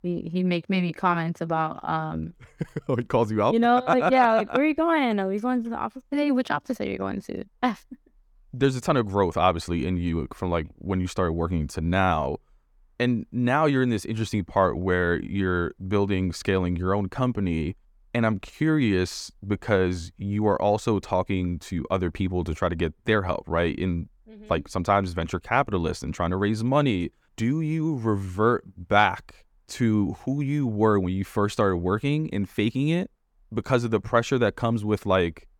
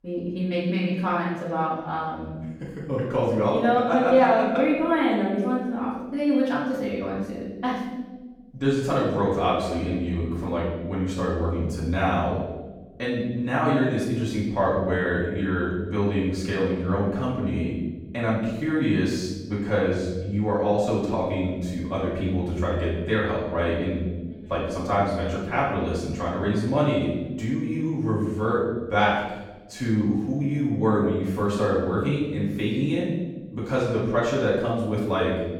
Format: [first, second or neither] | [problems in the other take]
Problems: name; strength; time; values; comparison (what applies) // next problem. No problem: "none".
first | off-mic speech; far // room echo; noticeable; dies away in 1 s